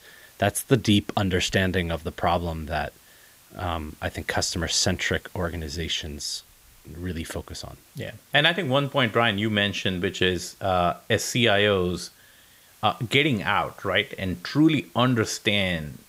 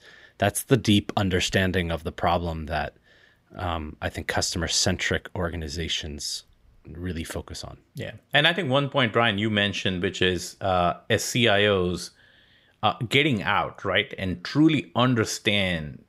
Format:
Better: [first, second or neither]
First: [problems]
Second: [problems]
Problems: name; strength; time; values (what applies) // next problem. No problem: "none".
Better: second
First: hiss; faint; throughout; 30 dB below the speech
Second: none